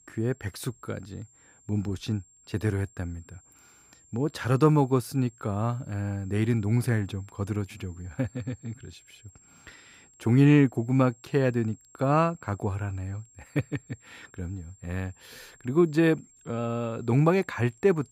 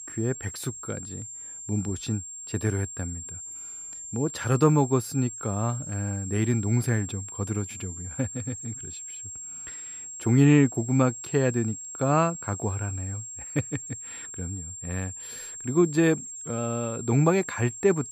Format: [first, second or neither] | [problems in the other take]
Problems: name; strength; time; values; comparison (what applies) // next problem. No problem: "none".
first | high-pitched whine; loud; throughout; 7.5 kHz, 10 dB below the speech; faint in the first